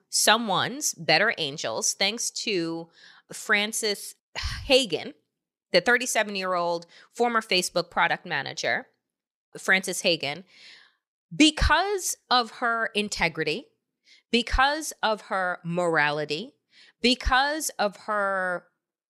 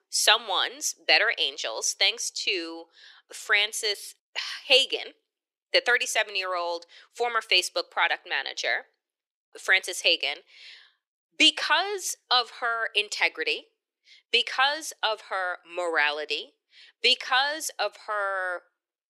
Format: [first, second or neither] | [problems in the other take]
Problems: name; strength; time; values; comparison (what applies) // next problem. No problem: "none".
first | thin; very; fading below 350 Hz